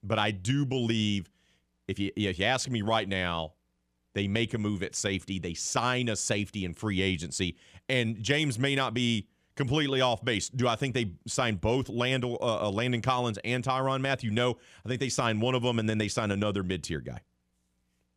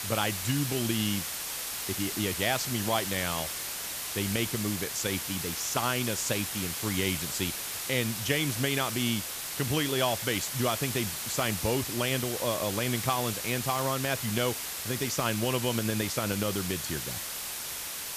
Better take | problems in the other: first | hiss; loud; throughout; 2 dB below the speech

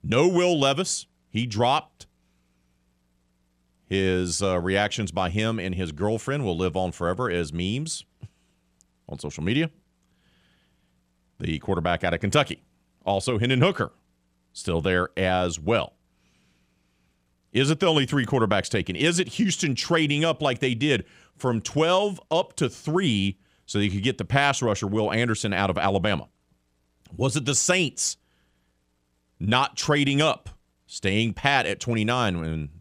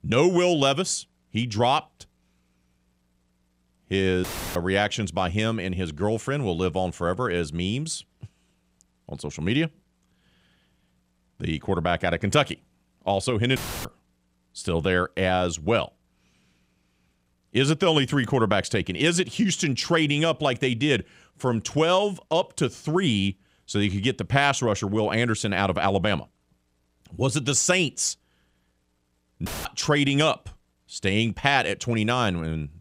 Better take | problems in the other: first | audio cutting out; filled with static; at 4 s, at 14 s and at 29 s

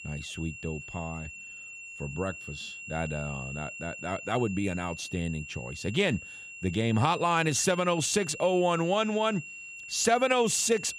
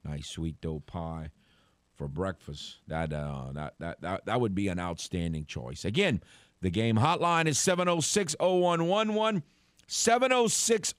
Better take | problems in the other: second | high-pitched whine; noticeable; throughout; 2.5 kHz, 10 dB below the speech

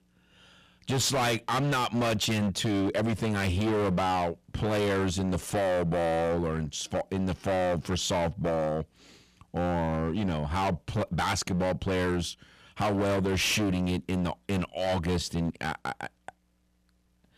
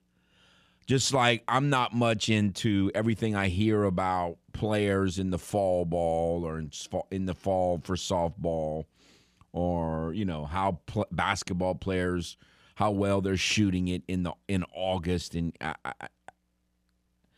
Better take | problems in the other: second | distortion; heavy; 21% of the sound clipped

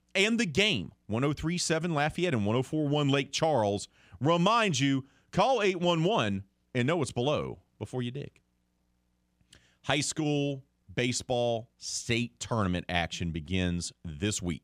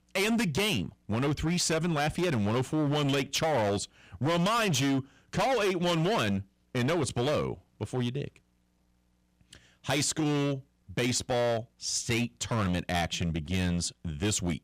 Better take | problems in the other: first | distortion; heavy; 17% of the sound clipped

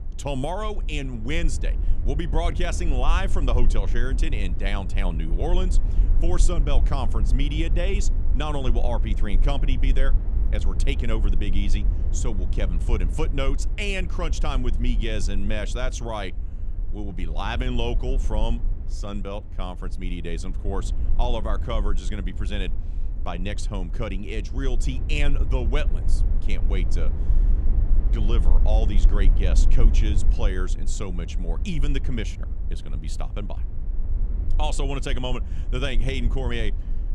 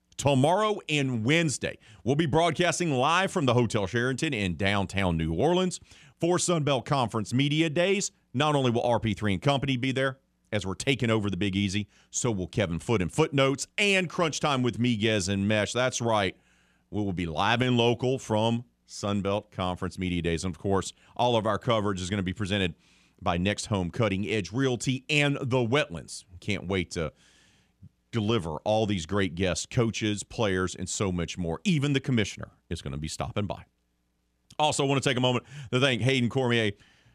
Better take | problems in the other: second | low rumble; noticeable; throughout; 15 dB below the speech

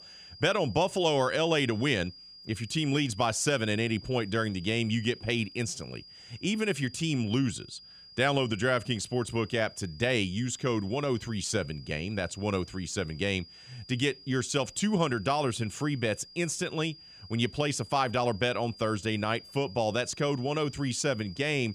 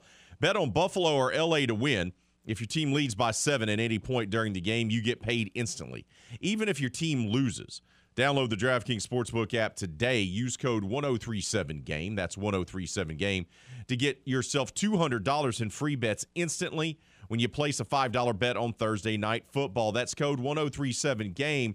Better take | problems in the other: second | high-pitched whine; noticeable; throughout; 5 kHz, 20 dB below the speech

